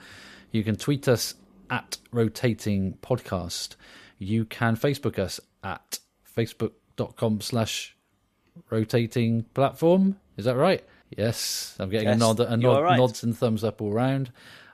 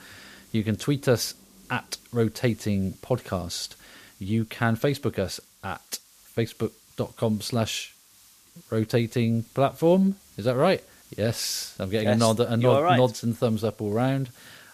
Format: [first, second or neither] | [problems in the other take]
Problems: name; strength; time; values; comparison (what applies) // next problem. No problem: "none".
first | hiss; faint; throughout; 25 dB below the speech